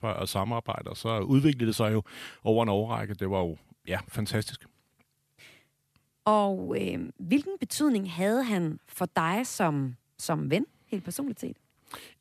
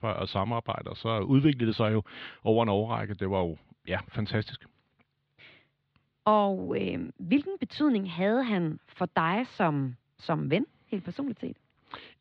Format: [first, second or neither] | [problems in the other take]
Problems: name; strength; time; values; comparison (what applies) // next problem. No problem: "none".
first | muffled; slightly; fading above 4 kHz